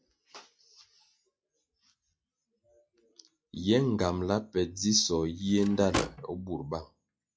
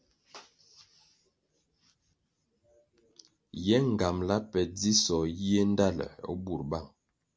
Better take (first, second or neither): second